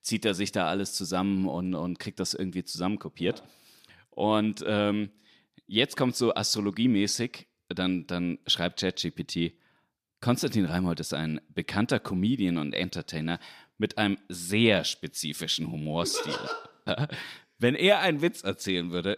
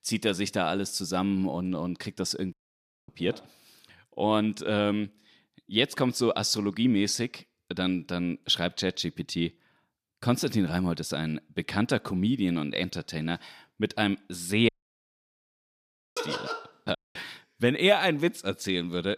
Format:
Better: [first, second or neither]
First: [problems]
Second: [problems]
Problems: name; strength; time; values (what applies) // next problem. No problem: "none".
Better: first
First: none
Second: audio cutting out; at 2.5 s for 0.5 s, at 15 s for 1.5 s and at 17 s